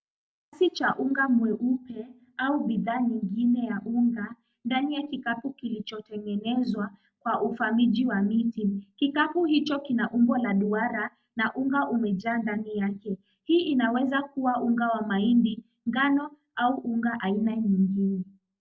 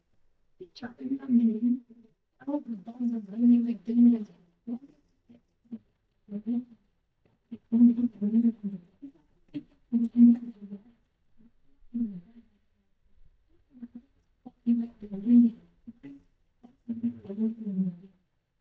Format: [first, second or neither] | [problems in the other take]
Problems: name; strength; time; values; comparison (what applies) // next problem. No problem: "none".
first | noise reduction (neural mask model DeepFilterNet 3)